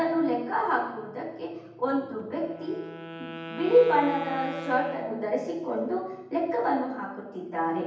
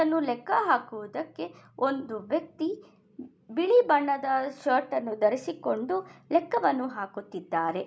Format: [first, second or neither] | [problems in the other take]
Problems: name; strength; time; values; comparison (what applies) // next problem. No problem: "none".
second | background sound (Wind instrument, woodwind instrument); 15 dB below the speech // room echo; dies away in 0.9 s